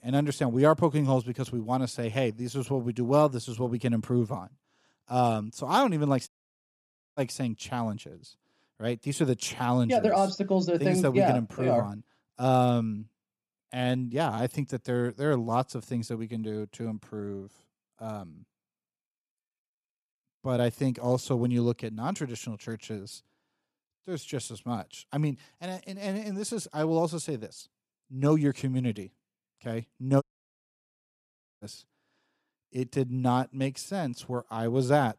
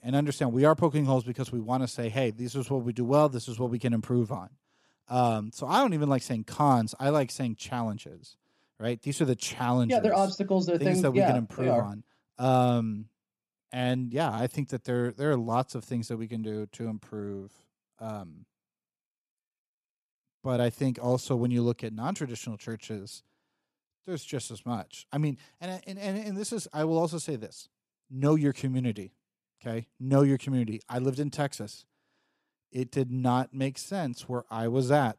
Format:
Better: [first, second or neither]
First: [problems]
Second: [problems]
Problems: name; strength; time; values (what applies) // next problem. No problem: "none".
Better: second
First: audio cutting out; at 6.5 s for 1 s and at 30 s for 1.5 s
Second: none